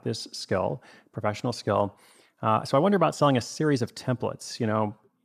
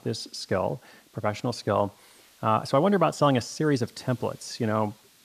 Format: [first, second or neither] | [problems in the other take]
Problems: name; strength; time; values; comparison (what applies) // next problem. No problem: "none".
first | hiss; faint; throughout; 30 dB below the speech